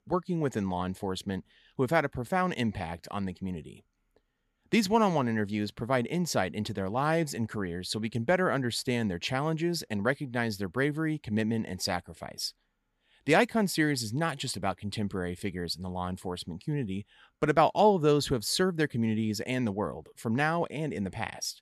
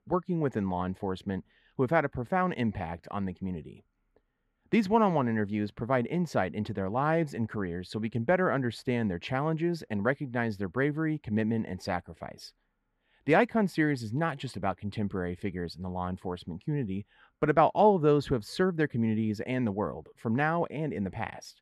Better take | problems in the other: first | muffled; slightly; fading above 3.5 kHz

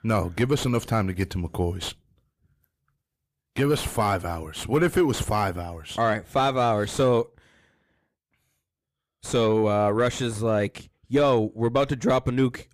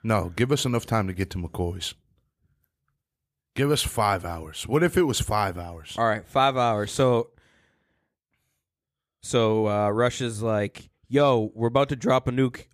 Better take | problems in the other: second | distortion; slight; 10 dB below the speech

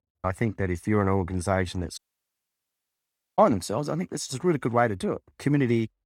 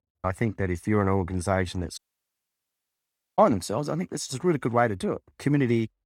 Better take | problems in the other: neither | audio cutting out; at 2 s for 1.5 s; the same in both

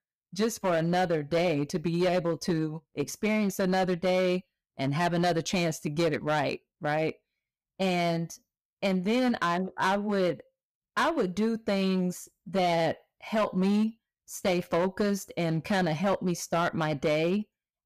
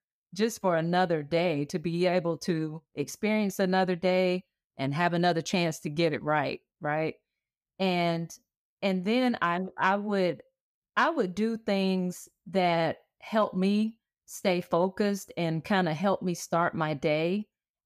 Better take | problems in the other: second | distortion; slight; 8% of the sound clipped

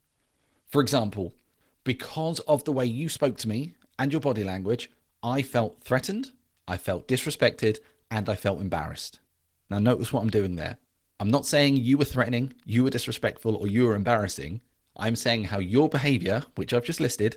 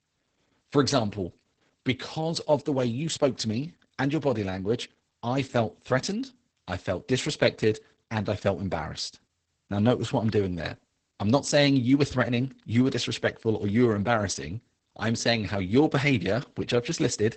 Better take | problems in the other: first | garbled, watery; badly; nothing above 8 kHz; slightly in the first

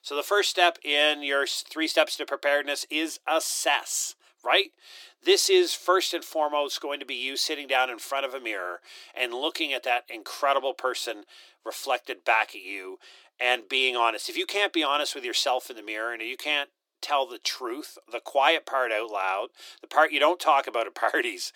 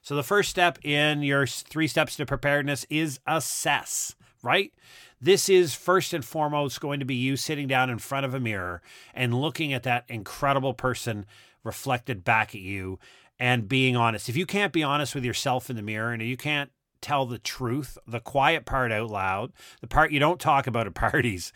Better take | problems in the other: second | thin; very; fading below 300 Hz

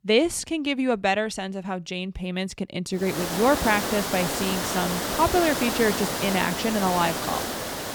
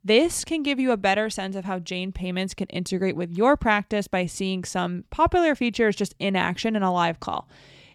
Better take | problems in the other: second | hiss; loud; from 3 s on; 2 dB below the speech

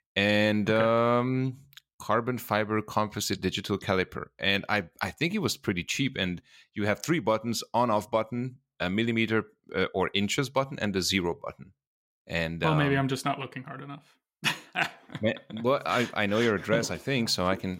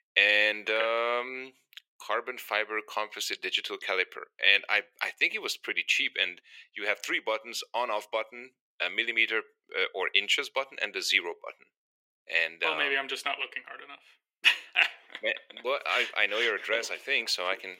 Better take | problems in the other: first | thin; very; fading below 400 Hz

